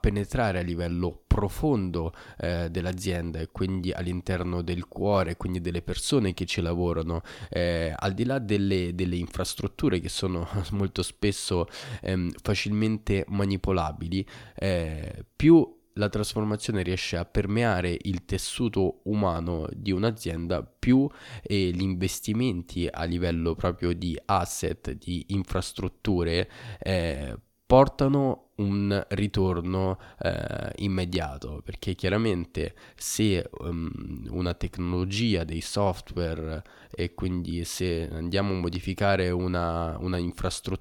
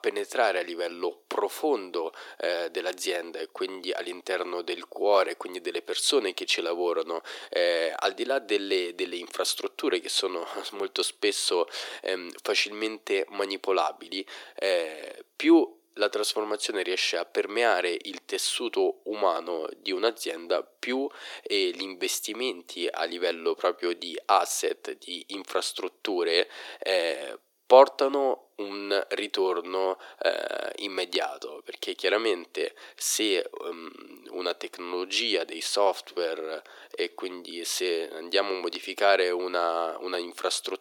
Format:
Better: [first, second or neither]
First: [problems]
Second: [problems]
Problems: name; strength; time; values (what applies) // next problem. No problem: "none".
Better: first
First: none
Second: thin; very; fading below 350 Hz